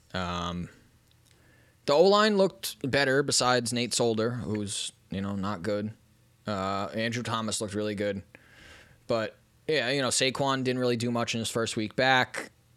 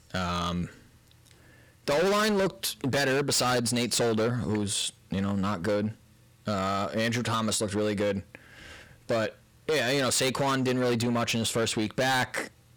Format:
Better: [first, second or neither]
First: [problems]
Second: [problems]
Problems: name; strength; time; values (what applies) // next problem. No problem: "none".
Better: first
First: none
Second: distortion; heavy; 16% of the sound clipped